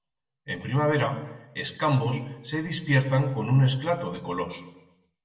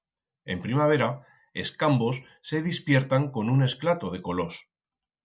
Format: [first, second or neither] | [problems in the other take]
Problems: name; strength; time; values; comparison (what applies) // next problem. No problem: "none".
second | room echo; dies away in 0.9 s